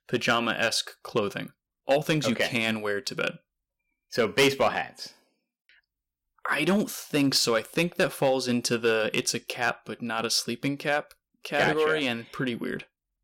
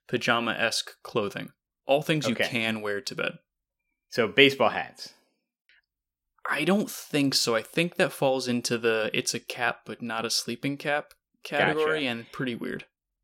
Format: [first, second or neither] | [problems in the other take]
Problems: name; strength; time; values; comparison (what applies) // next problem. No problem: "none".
second | distortion; slight; 1.6% of the sound clipped